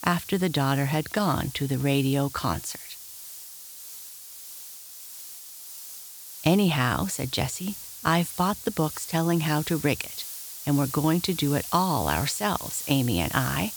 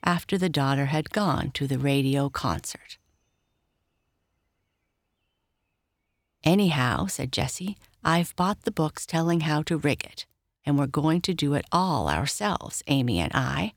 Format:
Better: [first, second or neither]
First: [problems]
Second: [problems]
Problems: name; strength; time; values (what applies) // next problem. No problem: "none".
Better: second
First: hiss; noticeable; throughout; 10 dB below the speech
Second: none